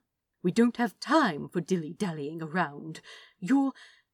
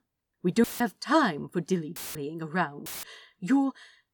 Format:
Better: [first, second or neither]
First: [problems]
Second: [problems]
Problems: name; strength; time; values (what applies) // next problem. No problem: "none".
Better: first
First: none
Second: audio cutting out; filled with static; at 0.5 s, at 2 s and at 3 s